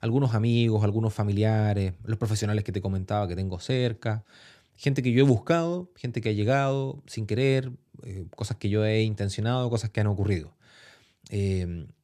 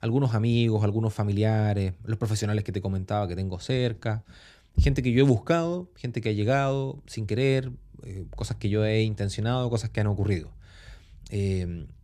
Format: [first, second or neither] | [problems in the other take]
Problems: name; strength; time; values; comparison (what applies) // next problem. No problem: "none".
first | low rumble; faint; throughout; 25 dB below the speech